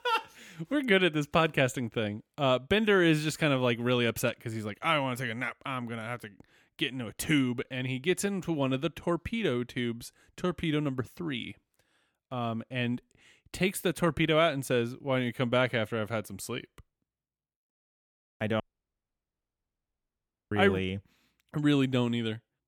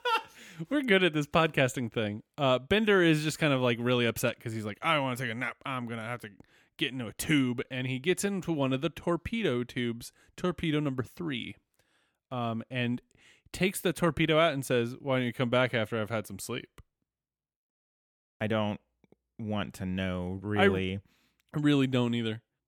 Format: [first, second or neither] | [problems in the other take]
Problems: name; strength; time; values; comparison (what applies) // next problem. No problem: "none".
second | audio cutting out; at 19 s for 2 s